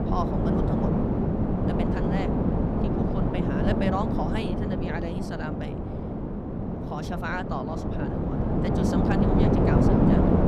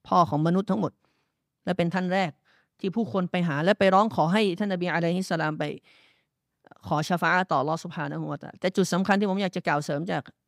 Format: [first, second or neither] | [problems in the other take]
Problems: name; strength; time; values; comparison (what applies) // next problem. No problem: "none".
second | wind noise on the microphone; heavy; 4 dB above the speech